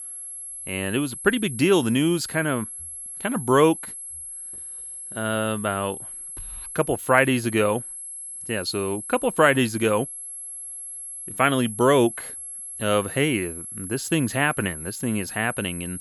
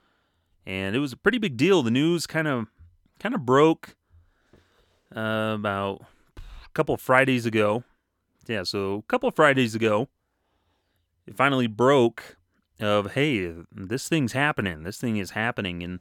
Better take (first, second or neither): second